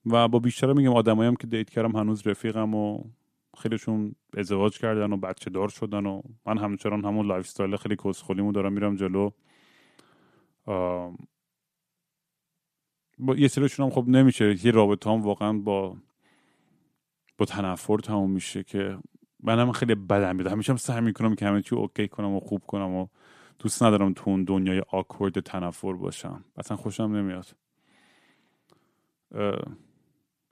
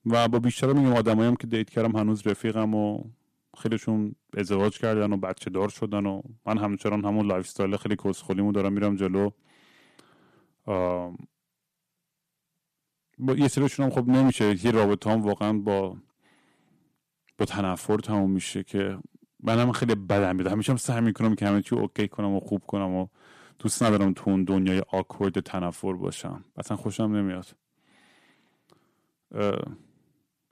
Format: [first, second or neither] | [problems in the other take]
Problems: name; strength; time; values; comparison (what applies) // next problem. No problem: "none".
first | distortion; slight; 3% of the sound clipped